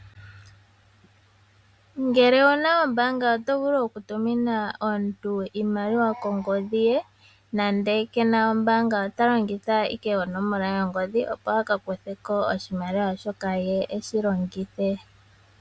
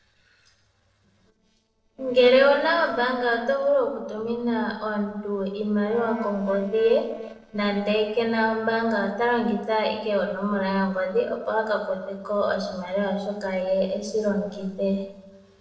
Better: first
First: none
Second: noise reduction (neural separator model SepFormer DNS4)

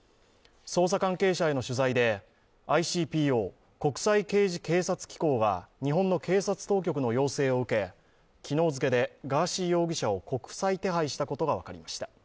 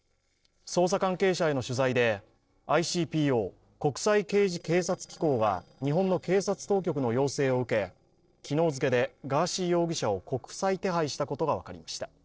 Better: first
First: none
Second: noise reduction (neural separator model SepFormer DNS4)

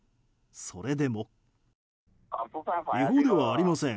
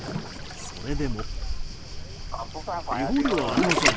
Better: first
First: none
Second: background sound (Waves, surf); 2 dB above the speech

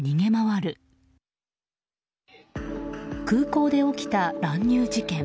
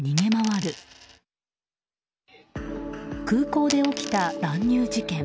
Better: first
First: none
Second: background sound (Coin (dropping)); 11 dB below the speech

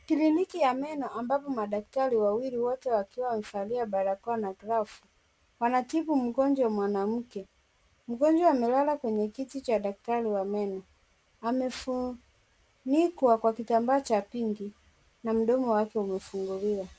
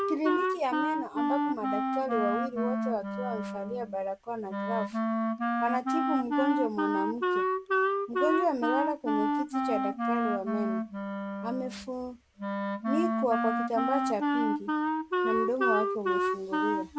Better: first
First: none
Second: background sound (Wind instrument, woodwind instrument); 3 dB above the speech

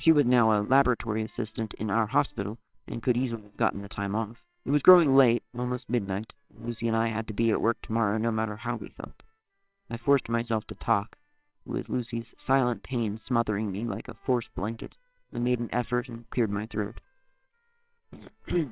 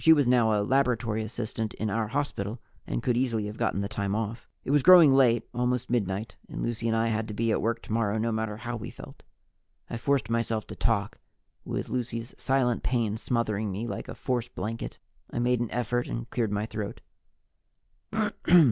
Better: second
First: noise reduction (neural separator model SepFormer WHAMR!)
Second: none

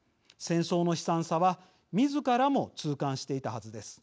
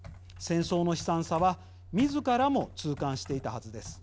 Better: first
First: none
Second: background sound (Computer keyboard); 16 dB below the speech

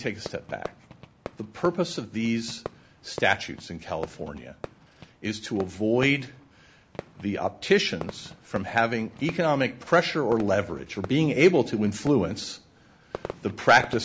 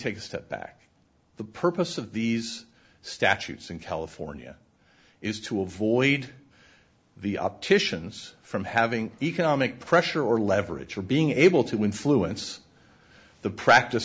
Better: second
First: background sound (Fireworks); 16 dB below the speech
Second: none

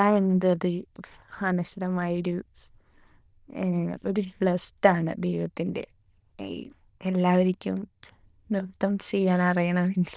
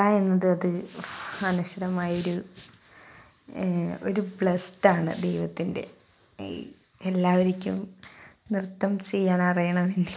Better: second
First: noise reduction (neural diffusion model UNIVERSE++)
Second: none

